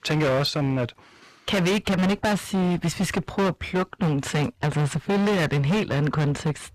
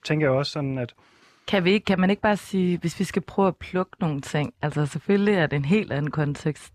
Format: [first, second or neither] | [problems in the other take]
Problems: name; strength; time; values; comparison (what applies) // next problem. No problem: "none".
second | distortion; heavy; 23% of the sound clipped